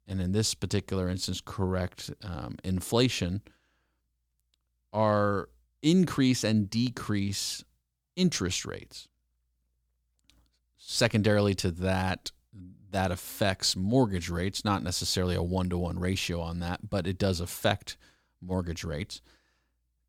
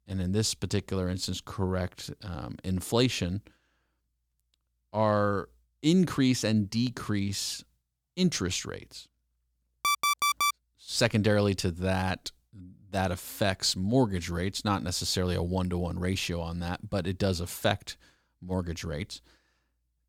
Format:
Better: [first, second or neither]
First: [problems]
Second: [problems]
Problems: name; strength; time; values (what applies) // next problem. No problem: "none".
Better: first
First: none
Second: alarm; loud; at 10 s; peak 4 dB above the speech